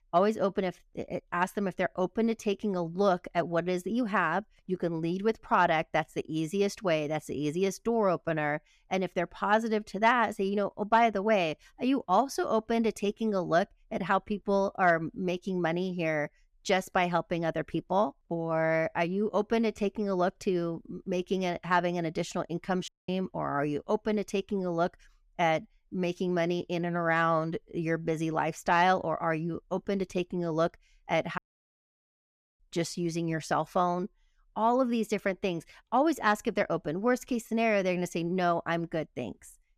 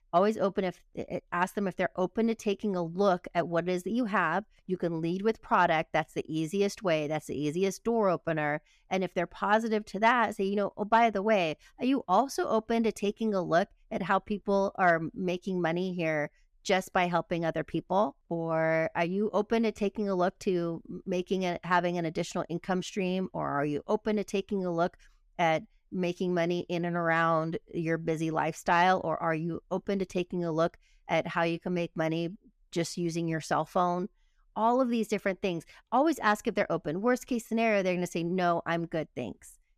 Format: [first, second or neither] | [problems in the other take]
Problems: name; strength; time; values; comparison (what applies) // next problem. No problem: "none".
second | audio cutting out; at 23 s and at 31 s for 1 s